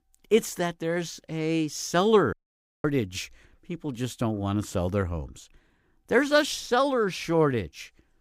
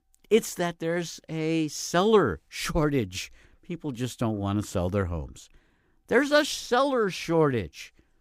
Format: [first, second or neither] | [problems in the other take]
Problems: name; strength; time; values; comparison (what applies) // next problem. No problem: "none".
second | audio cutting out; at 2.5 s for 0.5 s